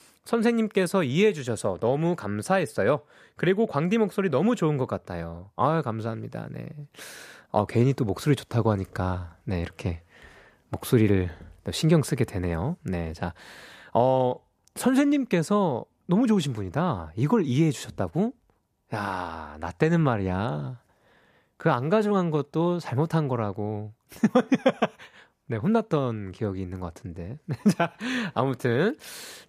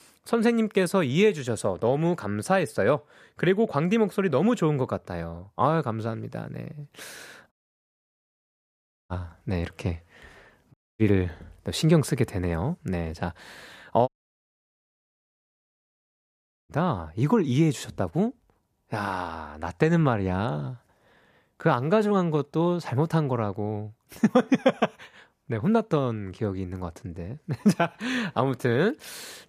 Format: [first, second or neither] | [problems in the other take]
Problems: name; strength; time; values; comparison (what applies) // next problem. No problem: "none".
first | audio cutting out; at 7.5 s for 1.5 s, at 11 s and at 14 s for 2.5 s